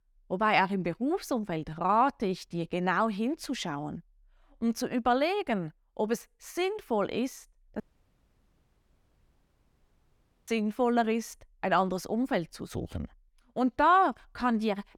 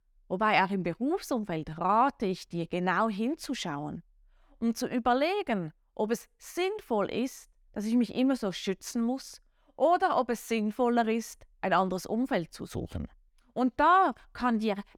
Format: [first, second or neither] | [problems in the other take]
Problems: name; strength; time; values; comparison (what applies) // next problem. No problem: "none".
second | audio cutting out; at 8 s for 2.5 s